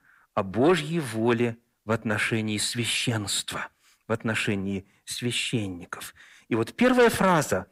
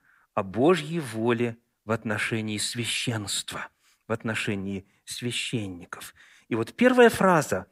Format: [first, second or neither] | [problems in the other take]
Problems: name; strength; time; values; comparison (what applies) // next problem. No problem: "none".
second | distortion; slight; 10 dB below the speech